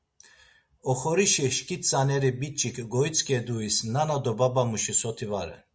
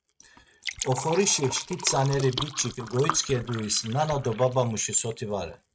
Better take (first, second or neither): first